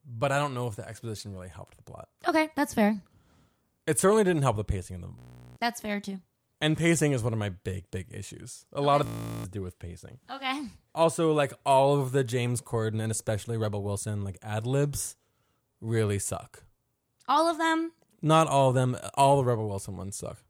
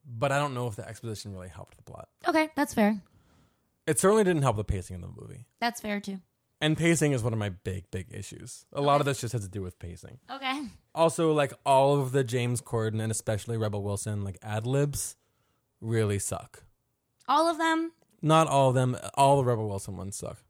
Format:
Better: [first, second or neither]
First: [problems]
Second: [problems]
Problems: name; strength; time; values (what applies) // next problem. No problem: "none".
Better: second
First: audio freezing; at 5 s and at 9 s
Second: none